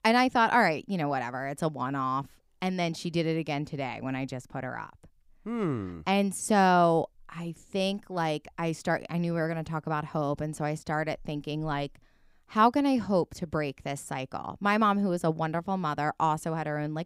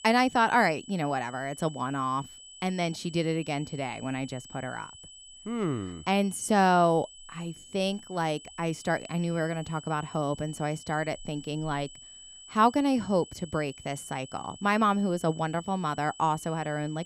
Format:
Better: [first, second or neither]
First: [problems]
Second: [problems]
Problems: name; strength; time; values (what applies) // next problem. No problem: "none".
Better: first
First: none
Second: high-pitched whine; noticeable; throughout; 3 kHz, 20 dB below the speech